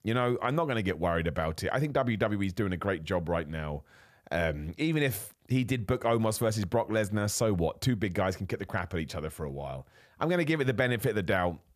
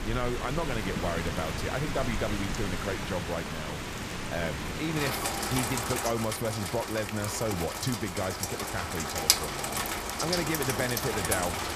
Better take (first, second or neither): first